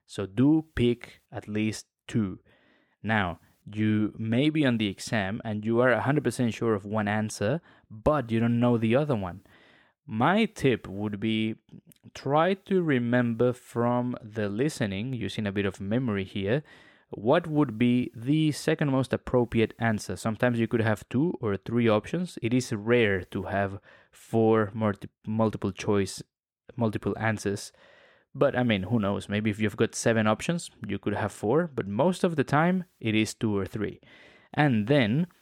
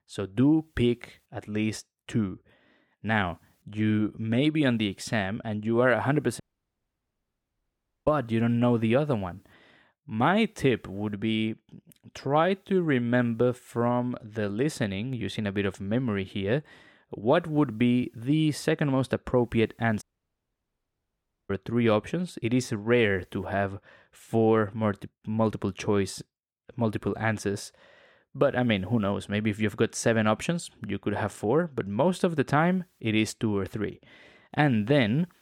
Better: first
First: none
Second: audio cutting out; at 6.5 s for 1.5 s and at 20 s for 1.5 s

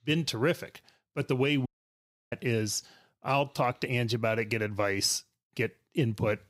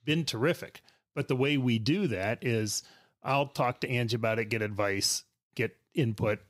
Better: second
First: audio cutting out; at 1.5 s for 0.5 s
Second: none

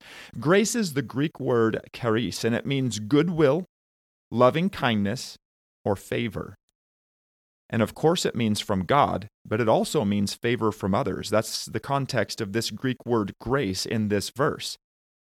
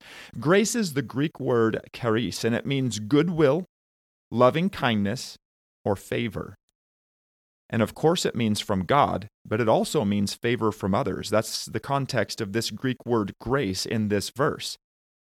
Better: neither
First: none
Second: none

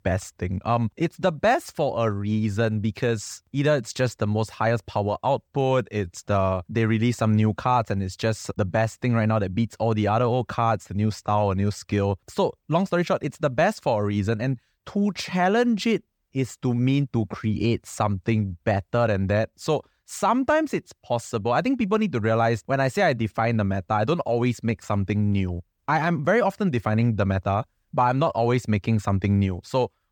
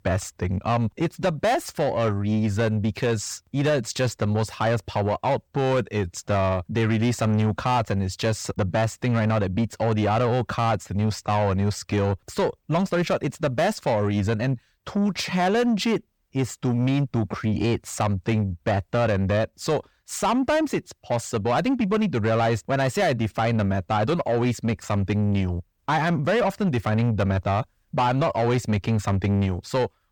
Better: first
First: none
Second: distortion; slight; 10 dB below the speech

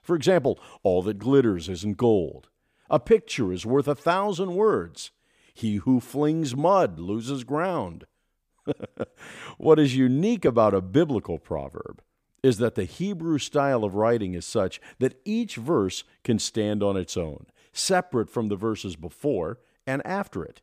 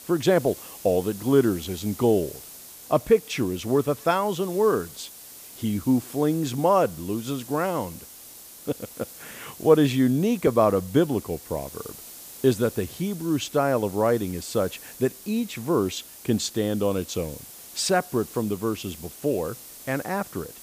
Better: first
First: none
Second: hiss; noticeable; throughout; 15 dB below the speech

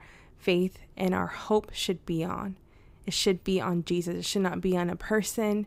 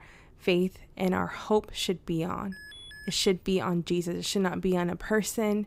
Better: first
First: none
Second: alarm; faint; at 2.5 s; peak 15 dB below the speech

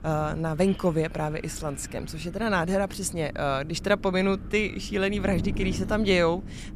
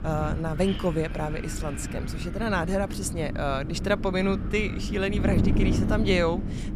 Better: first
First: wind noise on the microphone; occasional gusts; 20 dB below the speech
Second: wind noise on the microphone; heavy; 8 dB below the speech

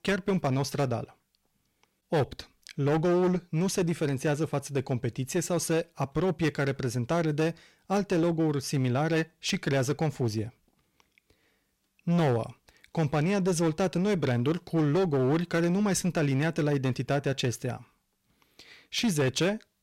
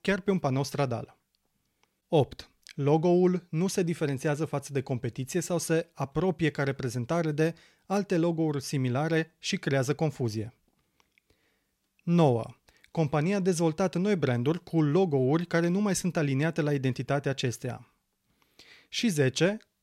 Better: second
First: distortion; slight; 10% of the sound clipped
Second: none

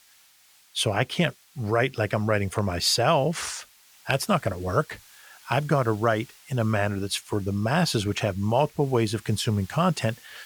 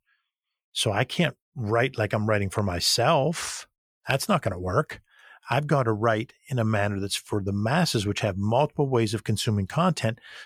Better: second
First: hiss; faint; throughout; 25 dB below the speech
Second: none

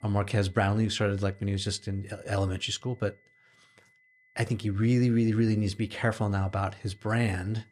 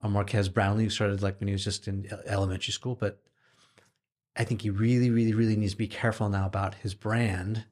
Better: second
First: high-pitched whine; faint; throughout; 2 kHz, 35 dB below the speech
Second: none

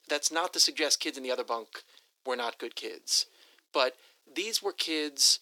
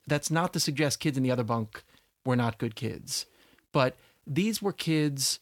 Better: second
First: thin; very; fading below 350 Hz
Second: none

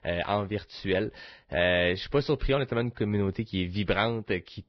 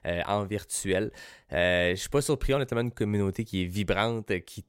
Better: second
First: garbled, watery; badly; nothing above 5.5 kHz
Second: none

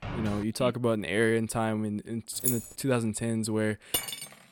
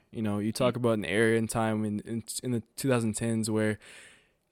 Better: second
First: door banging; noticeable; at the start; peak 7 dB below the speech // jangling keys; loud; at 2.5 s; peak level with the speech // clattering dishes; noticeable; at 4 s; peak 1 dB below the speech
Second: none

